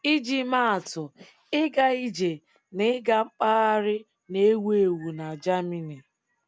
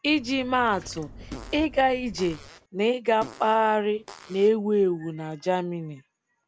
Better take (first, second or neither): first